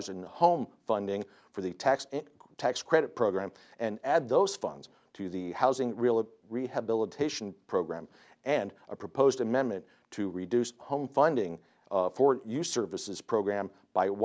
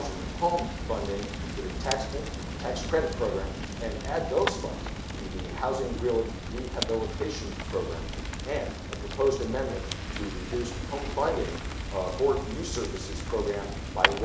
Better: first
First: none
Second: background sound (Fire); 2 dB below the speech // room echo; dies away in 0.7 s

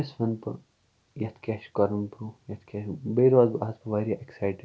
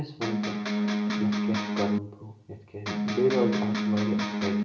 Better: first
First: none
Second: background sound (Electric guitar); 5 dB above the speech // room echo; dies away in 0.6 s

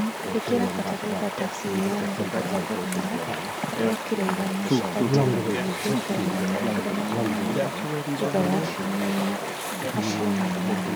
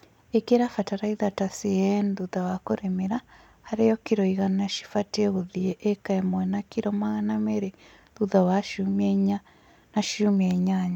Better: second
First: background sound (Chatter / Stream); 2 dB above the speech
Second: none

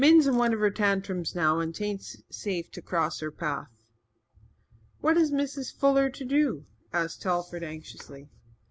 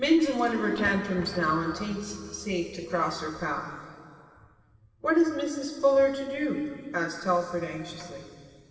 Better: first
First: none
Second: background sound (Squeak / Thump, thud); 15 dB below the speech // room echo; dies away in 2.4 s

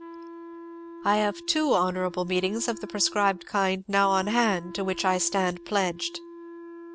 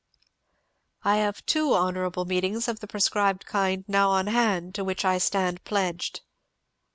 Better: second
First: background sound (Wind instrument, woodwind instrument); 16 dB below the speech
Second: none

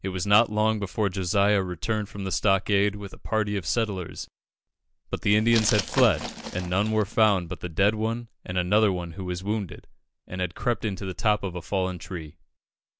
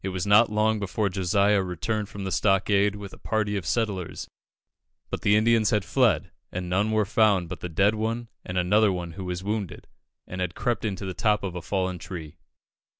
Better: second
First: background sound (Glass); 10 dB below the speech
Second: none

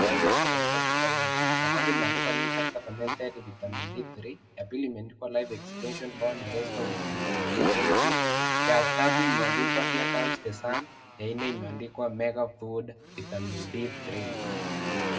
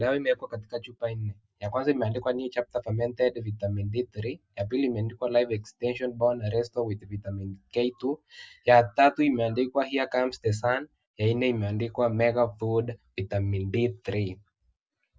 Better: second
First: background sound (Motorcycle); 4 dB above the speech // room echo; dies away in 0.6 s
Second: none

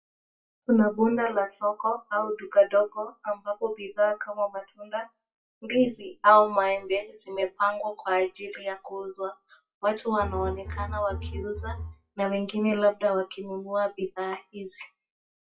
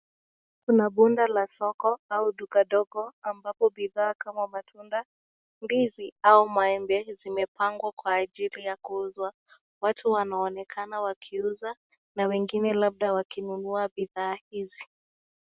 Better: second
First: noise reduction (classical method WPE with log-MMSE)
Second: none

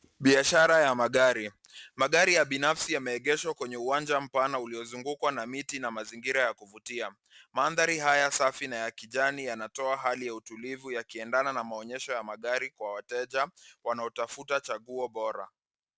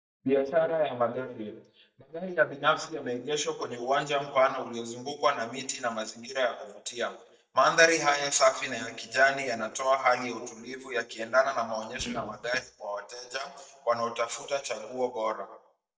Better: first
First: none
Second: noise reduction (neural mask model DeepFilterNet 3)

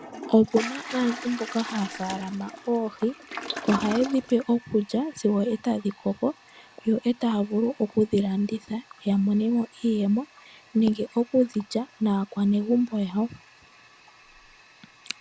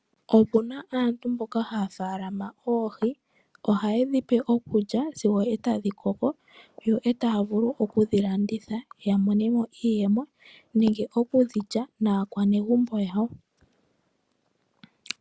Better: second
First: background sound (Toilet flush); 15 dB below the speech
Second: none

